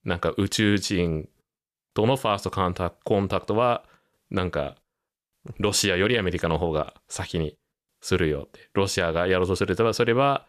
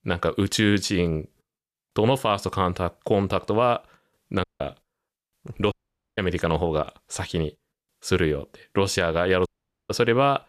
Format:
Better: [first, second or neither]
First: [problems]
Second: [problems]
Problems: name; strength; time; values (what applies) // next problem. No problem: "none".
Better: first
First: none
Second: audio cutting out; at 4.5 s, at 5.5 s and at 9.5 s